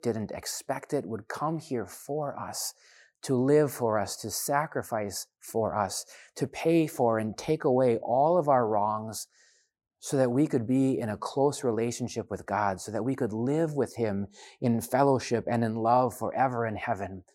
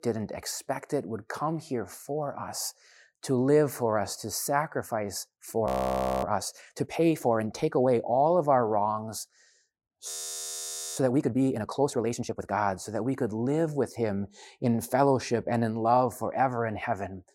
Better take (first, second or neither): first